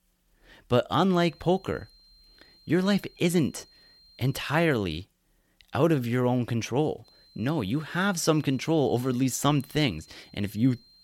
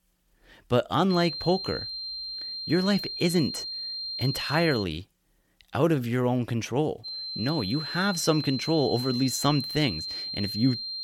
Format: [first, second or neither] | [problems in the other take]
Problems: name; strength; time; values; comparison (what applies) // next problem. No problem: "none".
first | high-pitched whine; loud; from 1 to 5 s and from 7 s on; 4 kHz, 6 dB below the speech; faint in the first